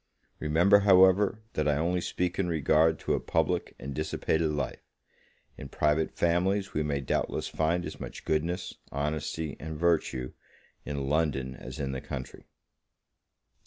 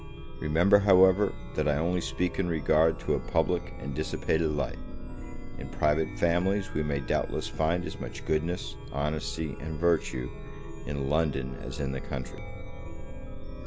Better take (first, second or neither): first